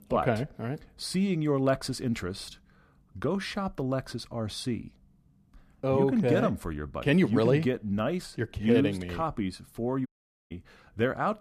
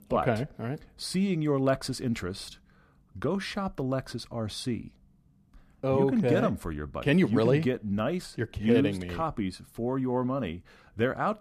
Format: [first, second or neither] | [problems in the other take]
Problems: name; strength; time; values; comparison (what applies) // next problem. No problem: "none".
second | audio cutting out; at 10 s